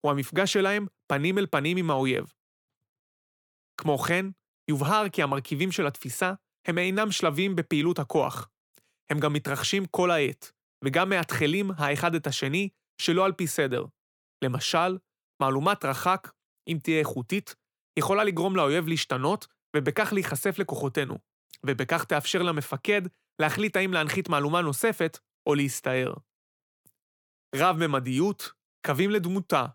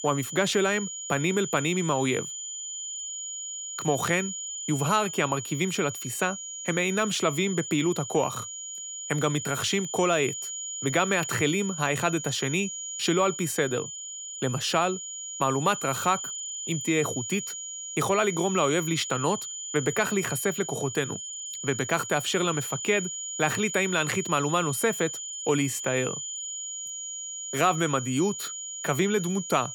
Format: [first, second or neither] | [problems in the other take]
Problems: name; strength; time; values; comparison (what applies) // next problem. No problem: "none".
first | high-pitched whine; loud; throughout; 7 kHz, 6 dB below the speech